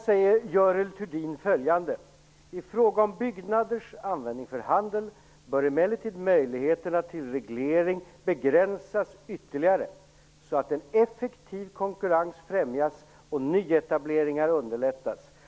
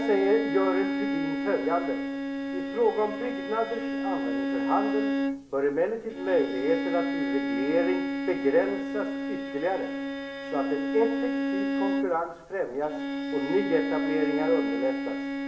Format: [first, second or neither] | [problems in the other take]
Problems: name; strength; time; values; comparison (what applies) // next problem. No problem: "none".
first | background sound (Bowed string instrument); 1 dB below the speech // room echo; dies away in 0.7 s